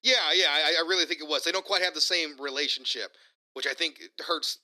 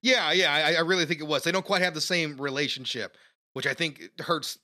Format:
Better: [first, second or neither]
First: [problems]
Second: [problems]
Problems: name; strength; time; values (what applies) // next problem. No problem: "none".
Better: second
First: thin; somewhat; fading below 300 Hz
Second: none